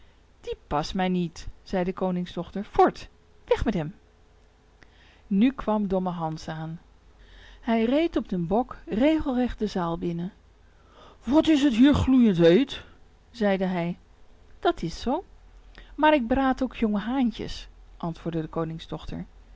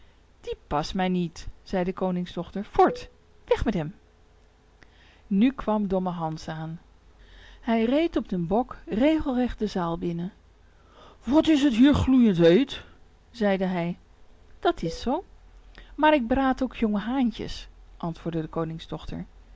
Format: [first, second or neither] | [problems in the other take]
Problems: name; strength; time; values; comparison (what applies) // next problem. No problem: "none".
first | background sound (Cowbell); 19 dB below the speech